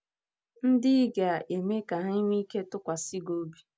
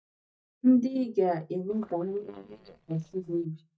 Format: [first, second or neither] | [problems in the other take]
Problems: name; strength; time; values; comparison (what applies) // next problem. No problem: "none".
first | noise reduction (neural mask model DeepFilterNet 3)